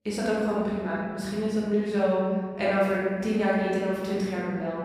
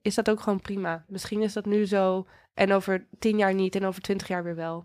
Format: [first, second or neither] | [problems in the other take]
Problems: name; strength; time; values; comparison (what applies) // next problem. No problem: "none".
second | room echo; strong; dies away in 2.1 s // off-mic speech; far